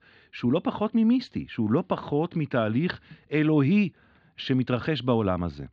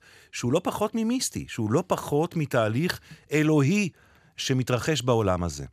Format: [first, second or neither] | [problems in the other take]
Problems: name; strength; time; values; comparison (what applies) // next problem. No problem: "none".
second | muffled; slightly; fading above 4 kHz